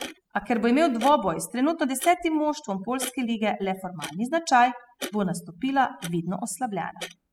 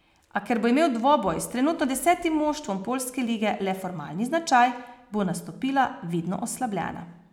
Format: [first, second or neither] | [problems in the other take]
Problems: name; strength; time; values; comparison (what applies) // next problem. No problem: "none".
second | noise reduction (classical method spectral subtraction)